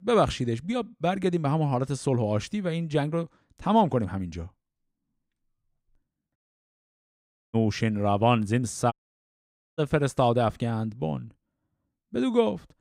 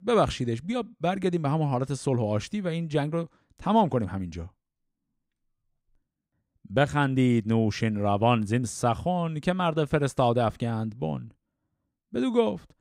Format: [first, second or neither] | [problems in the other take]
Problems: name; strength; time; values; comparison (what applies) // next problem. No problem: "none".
second | audio cutting out; at 6.5 s for 1 s and at 9 s for 1 s